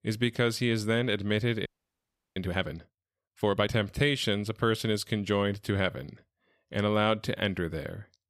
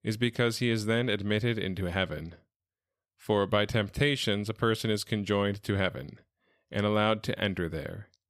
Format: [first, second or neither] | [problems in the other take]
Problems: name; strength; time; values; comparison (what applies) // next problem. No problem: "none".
second | audio freezing; at 1.5 s for 0.5 s